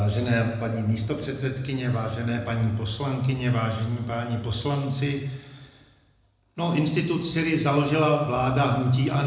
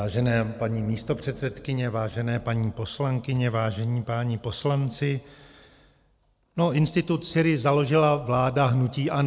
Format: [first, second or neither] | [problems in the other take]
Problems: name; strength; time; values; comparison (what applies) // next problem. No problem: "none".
second | room echo; dies away in 0.9 s